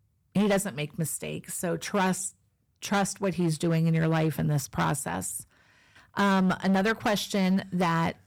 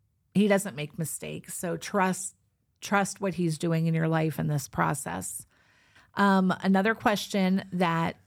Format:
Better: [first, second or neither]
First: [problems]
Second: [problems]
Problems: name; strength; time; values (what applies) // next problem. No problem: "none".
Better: second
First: distortion; slight; 8% of the sound clipped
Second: none